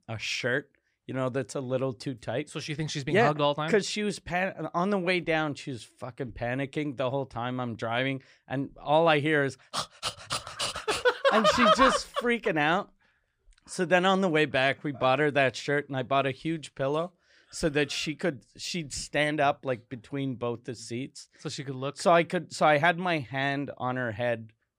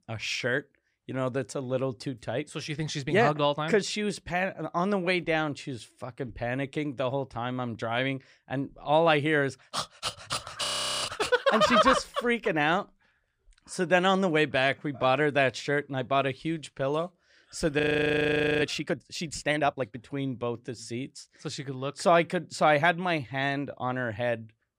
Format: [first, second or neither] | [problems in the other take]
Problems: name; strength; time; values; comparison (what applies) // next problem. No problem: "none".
first | audio freezing; at 11 s and at 18 s for 1 s